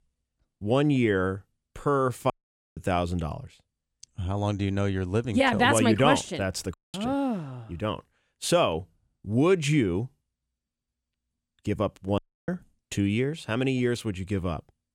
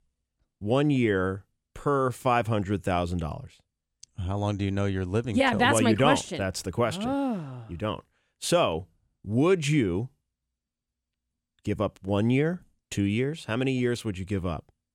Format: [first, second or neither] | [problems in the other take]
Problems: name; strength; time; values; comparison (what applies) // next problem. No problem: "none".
second | audio cutting out; at 2.5 s, at 6.5 s and at 12 s